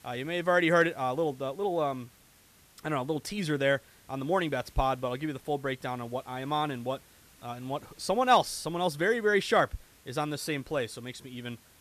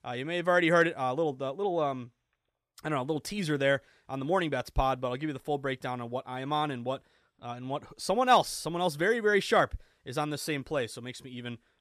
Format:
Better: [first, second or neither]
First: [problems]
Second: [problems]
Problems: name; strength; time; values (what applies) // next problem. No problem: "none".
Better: second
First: hiss; faint; throughout; 25 dB below the speech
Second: none